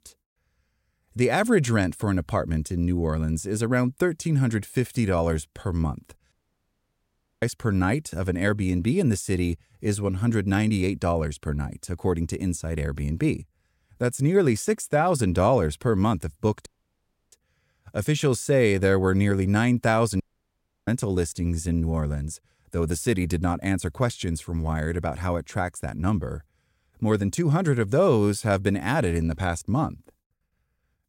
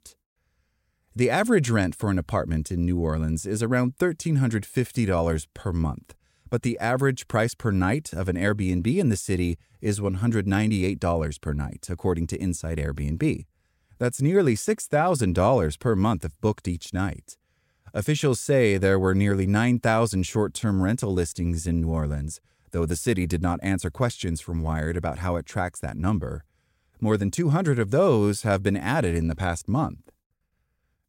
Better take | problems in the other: second | audio cutting out; at 6.5 s for 1 s, at 17 s for 0.5 s and at 20 s for 0.5 s

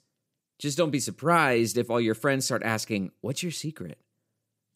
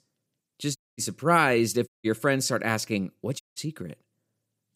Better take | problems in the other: first | audio cutting out; at 1 s, at 2 s and at 3.5 s

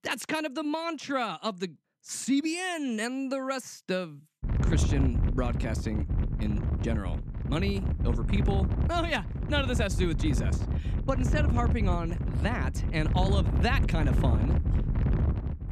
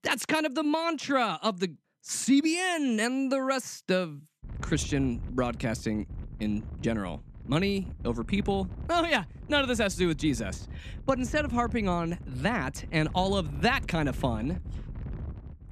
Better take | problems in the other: second | wind noise on the microphone; heavy; from 4.5 s on; 7 dB below the speech; occasional gusts in the second

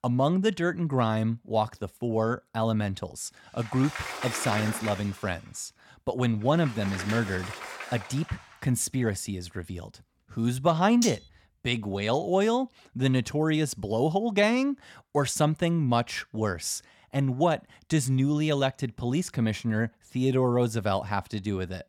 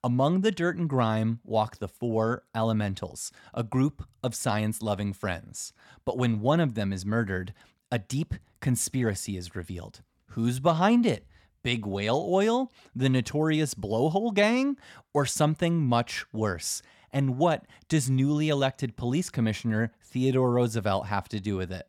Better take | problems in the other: second | door banging; noticeable; from 3.5 to 8.5 s; peak 4 dB below the speech // clattering dishes; noticeable; at 11 s; peak 5 dB below the speech

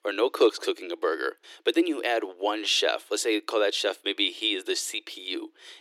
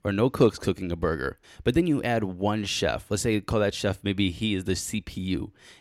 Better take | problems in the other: second | thin; very; fading below 300 Hz

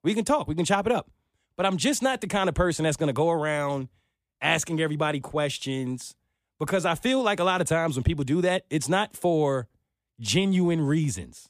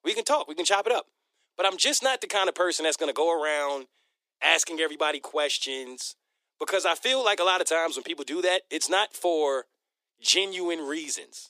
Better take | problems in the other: first | thin; very; fading below 350 Hz

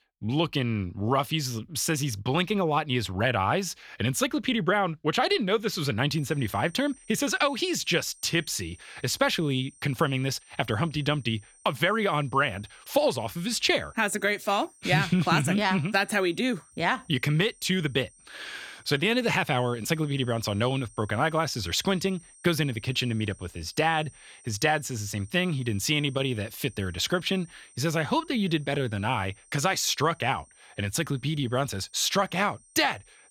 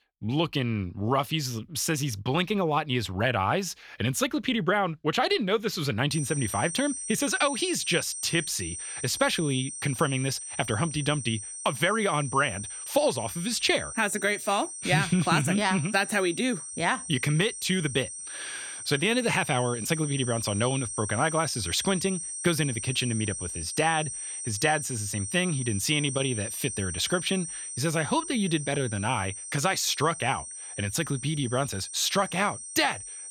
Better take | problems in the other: first | high-pitched whine; loud; from 6 s on; 8.5 kHz, 7 dB below the speech; faint in the first

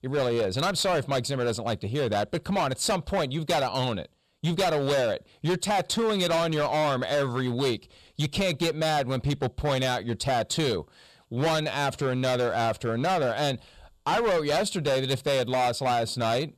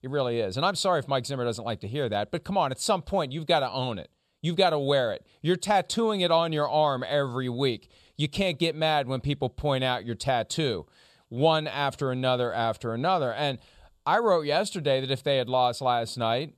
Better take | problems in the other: second | distortion; heavy; 18% of the sound clipped

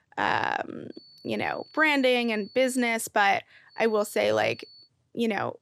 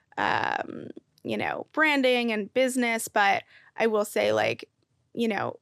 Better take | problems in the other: second | high-pitched whine; faint; from 1 to 3 s and from 3.5 to 5 s; 4.5 kHz, 25 dB below the speech

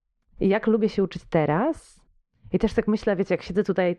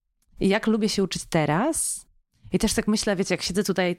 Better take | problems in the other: second | muffled; very; fading above 2 kHz

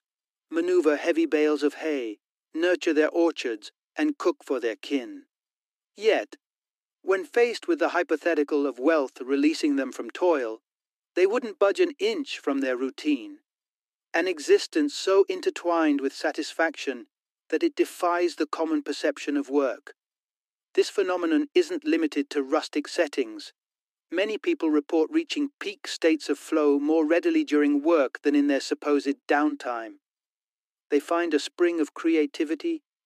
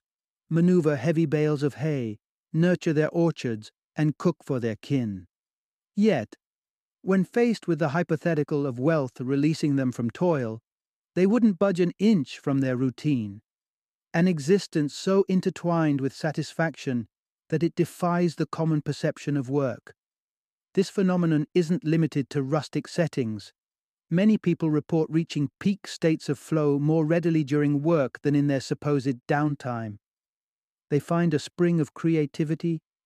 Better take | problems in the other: second | thin; somewhat; fading below 300 Hz

